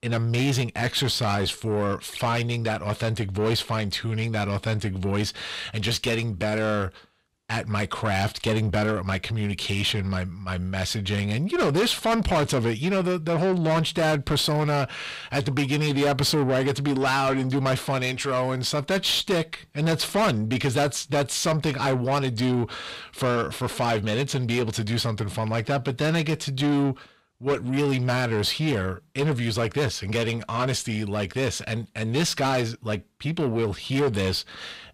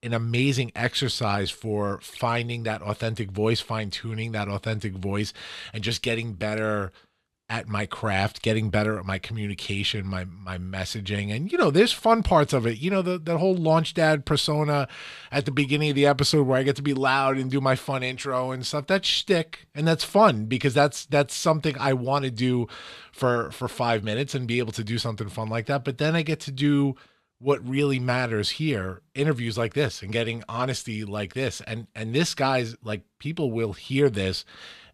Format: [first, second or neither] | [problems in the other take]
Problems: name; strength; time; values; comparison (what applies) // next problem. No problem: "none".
second | distortion; heavy; 8 dB below the speech